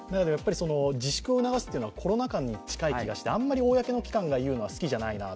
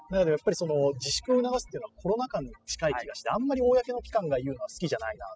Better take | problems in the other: first | noise reduction (classical method spectral subtraction)

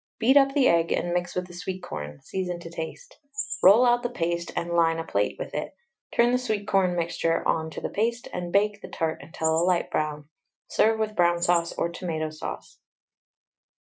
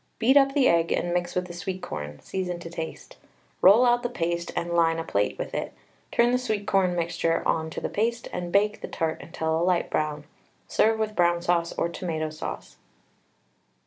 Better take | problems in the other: second | noise reduction (classical method Wiener filter)

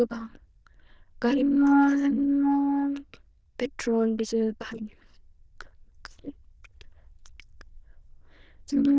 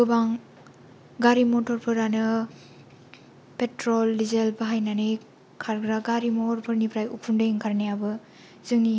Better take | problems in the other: second | noise reduction (neural diffusion model UNIVERSE++)

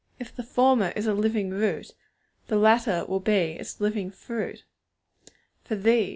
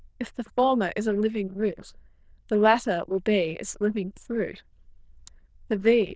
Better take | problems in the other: first | noise reduction (neural diffusion model UNIVERSE++)

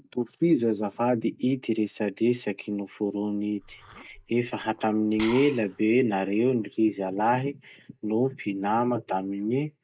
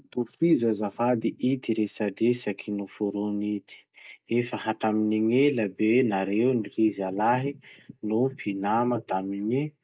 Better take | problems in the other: second | background sound (Liquid); 17 dB below the speech

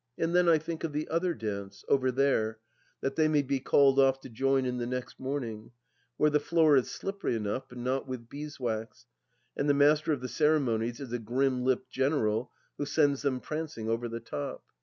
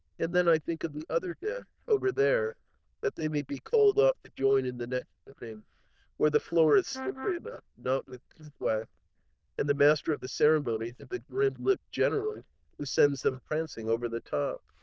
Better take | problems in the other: first | noise reduction (neural diffusion model UNIVERSE++)

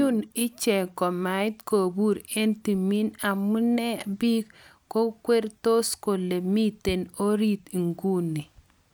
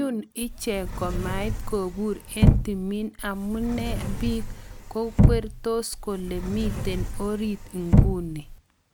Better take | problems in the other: first | background sound (Sliding door / Slam / Wood); 4 dB above the speech

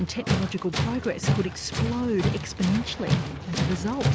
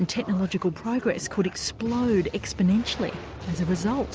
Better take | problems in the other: second | background sound (Tools); as loud as the speech

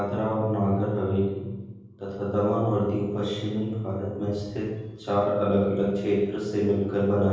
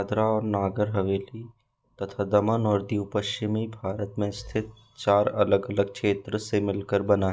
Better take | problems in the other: second | room echo; dies away in 1.3 s

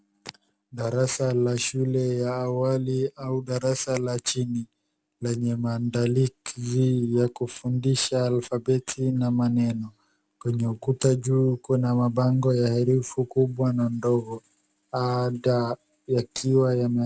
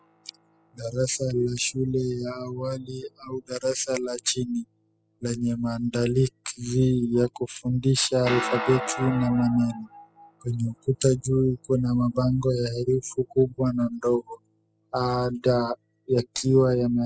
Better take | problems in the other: first | noise reduction (classical method spectral subtraction)

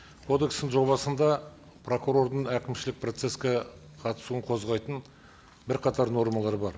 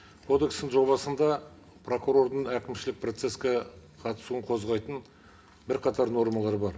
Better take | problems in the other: first | room echo; dies away in 0.3 s

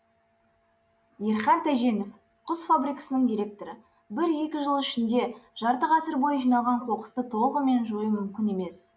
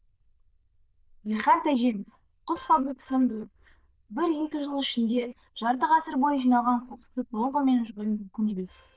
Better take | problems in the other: first | noise reduction (neural diffusion model UNIVERSE++)

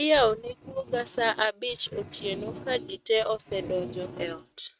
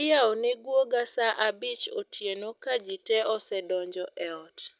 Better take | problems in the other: second | noise reduction (neural mask model RNNoise)

